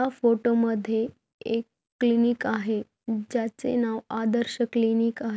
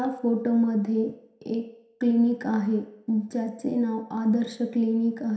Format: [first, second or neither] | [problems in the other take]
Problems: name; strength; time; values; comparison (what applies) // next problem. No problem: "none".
first | room echo; dies away in 0.7 s